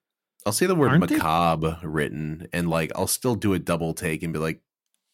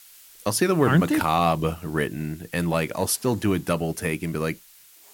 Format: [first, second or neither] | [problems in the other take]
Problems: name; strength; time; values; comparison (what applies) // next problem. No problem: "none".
first | hiss; faint; throughout; 25 dB below the speech